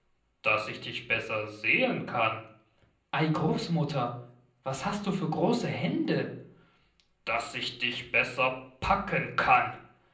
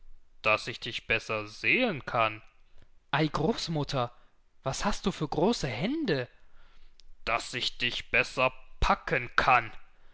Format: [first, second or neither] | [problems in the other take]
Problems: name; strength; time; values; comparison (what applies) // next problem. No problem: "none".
second | room echo; dies away in 0.6 s